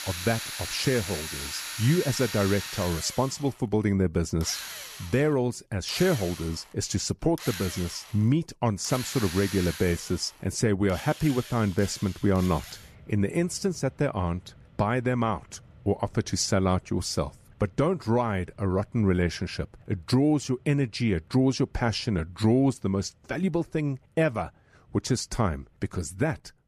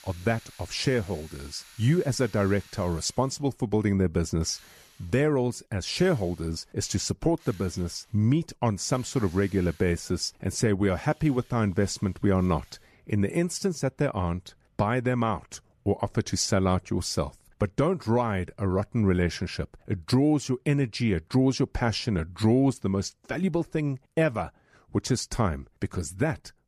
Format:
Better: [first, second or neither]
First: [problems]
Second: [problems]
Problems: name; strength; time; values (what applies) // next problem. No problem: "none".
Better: second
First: machinery noise; loud; throughout; 9 dB below the speech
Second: machinery noise; faint; throughout; 25 dB below the speech